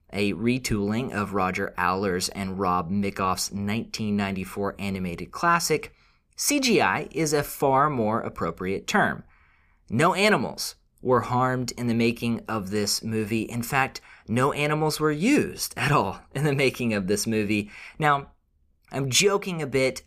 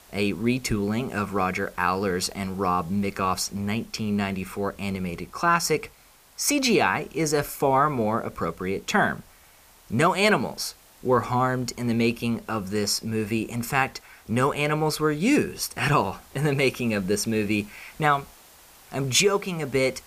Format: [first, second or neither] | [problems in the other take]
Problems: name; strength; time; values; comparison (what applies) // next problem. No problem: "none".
first | hiss; faint; throughout; 25 dB below the speech